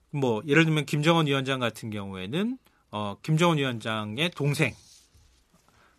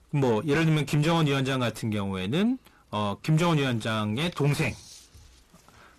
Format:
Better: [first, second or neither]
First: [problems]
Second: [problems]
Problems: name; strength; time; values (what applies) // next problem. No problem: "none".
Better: first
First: none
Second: distortion; heavy; 6 dB below the speech